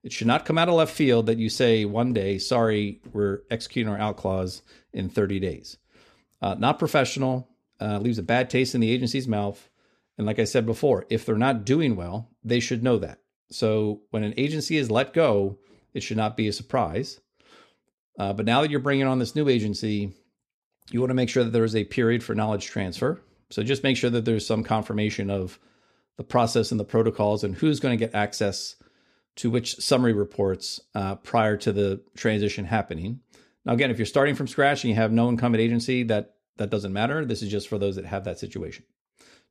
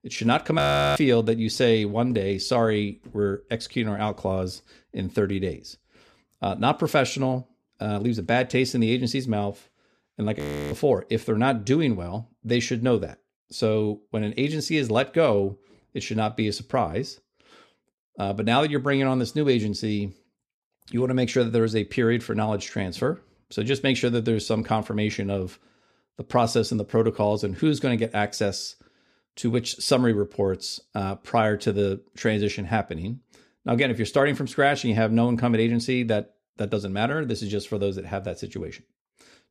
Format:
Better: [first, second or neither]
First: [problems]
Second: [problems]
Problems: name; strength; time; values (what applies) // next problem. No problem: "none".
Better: first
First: none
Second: audio freezing; at 0.5 s and at 10 s